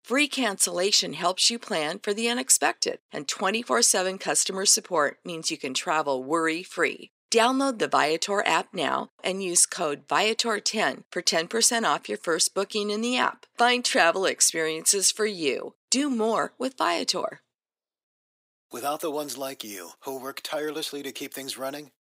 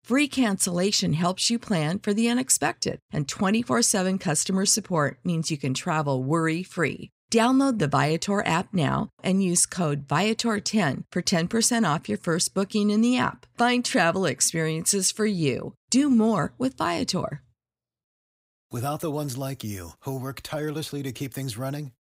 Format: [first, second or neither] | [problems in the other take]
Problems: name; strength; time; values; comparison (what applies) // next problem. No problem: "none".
second | thin; somewhat; fading below 350 Hz